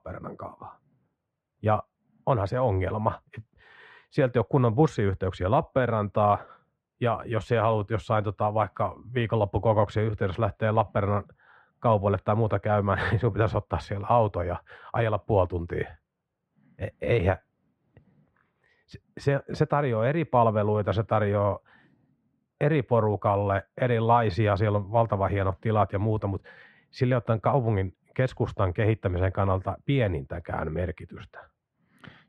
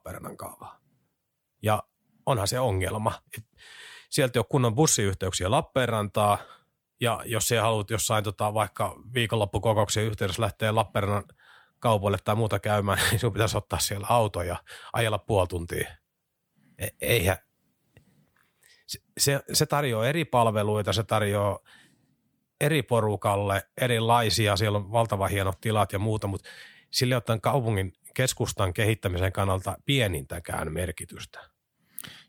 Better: second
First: muffled; very; fading above 1.5 kHz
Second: none

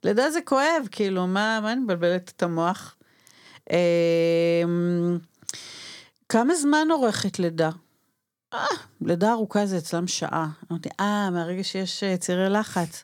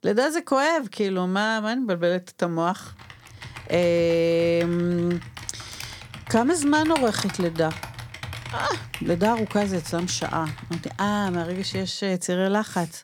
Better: first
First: none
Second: keyboard typing; noticeable; from 3 to 12 s; peak 7 dB below the speech

